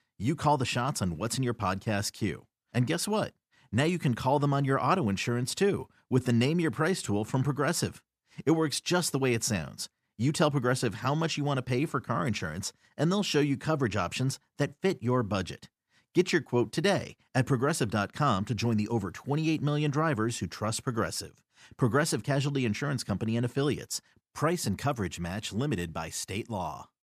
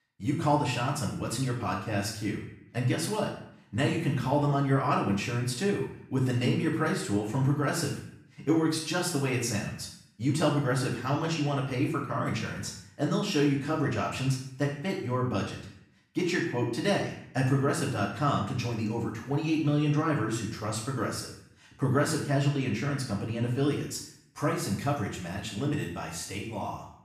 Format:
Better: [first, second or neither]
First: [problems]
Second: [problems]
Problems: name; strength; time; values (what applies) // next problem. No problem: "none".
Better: first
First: none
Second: room echo; noticeable; dies away in 0.6 s // off-mic speech; far